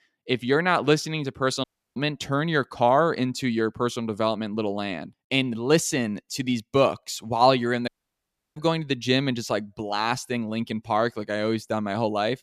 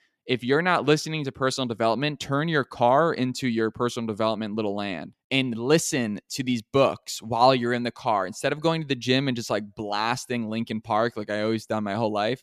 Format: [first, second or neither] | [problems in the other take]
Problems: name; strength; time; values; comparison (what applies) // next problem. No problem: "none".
second | audio cutting out; at 1.5 s and at 8 s for 0.5 s